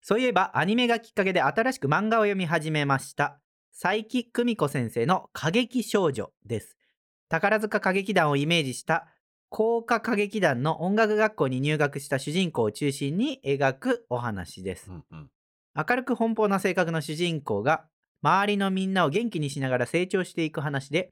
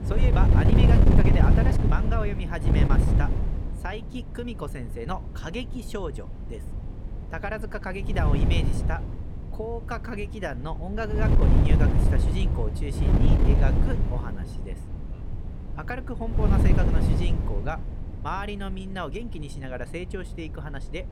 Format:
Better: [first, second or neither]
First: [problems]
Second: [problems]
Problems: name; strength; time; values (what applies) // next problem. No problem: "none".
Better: first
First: none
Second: wind noise on the microphone; heavy; 1 dB above the speech